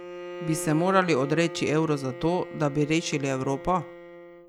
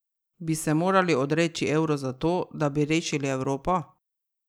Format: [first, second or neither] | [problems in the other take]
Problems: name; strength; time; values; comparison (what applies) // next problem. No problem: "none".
second | background sound (Bowed string instrument); 12 dB below the speech